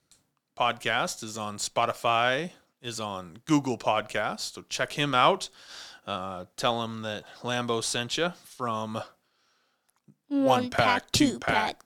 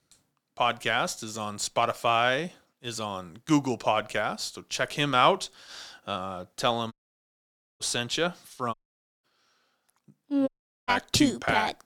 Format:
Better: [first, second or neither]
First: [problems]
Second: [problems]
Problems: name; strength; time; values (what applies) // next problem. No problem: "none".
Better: first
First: none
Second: audio cutting out; at 7 s for 1 s, at 8.5 s and at 10 s